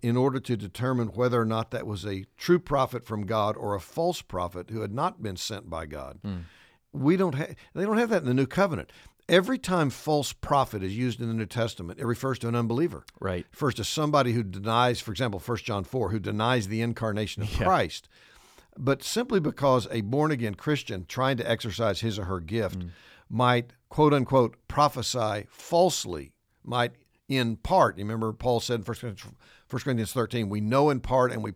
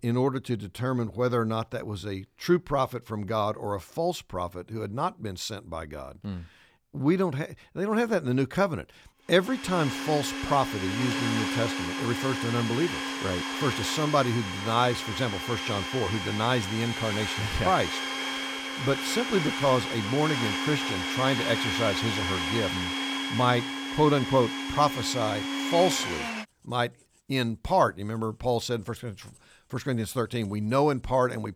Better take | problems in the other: first | household noises; loud; from 10 s on; 2 dB below the speech

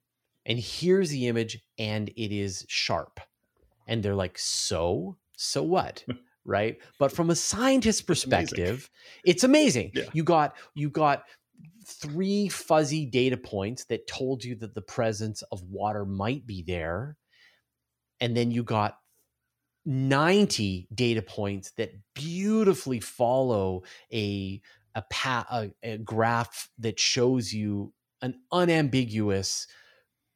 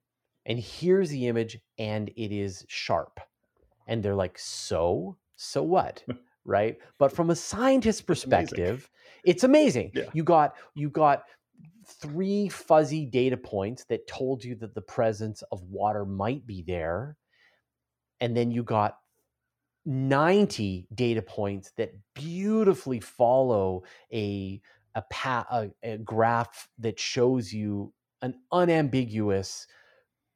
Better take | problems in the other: first | muffled; slightly; fading above 2.5 kHz

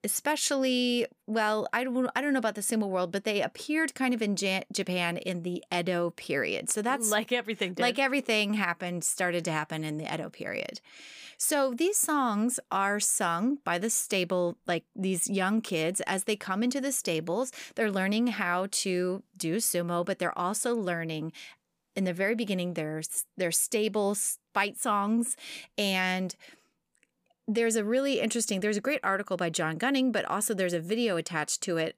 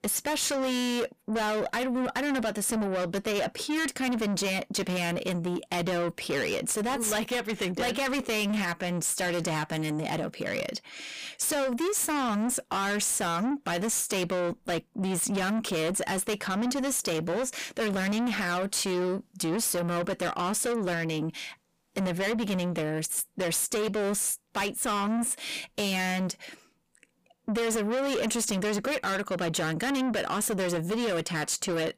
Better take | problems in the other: first | distortion; heavy; 6 dB below the speech

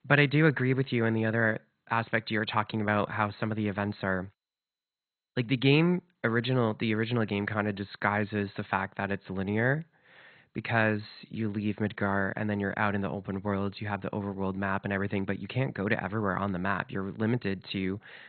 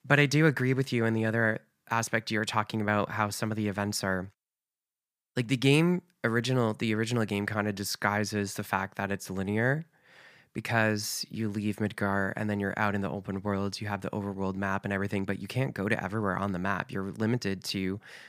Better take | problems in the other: second | garbled, watery; badly; nothing above 4 kHz

